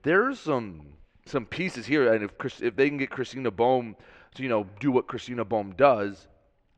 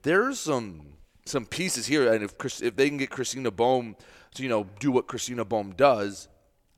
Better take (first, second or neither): second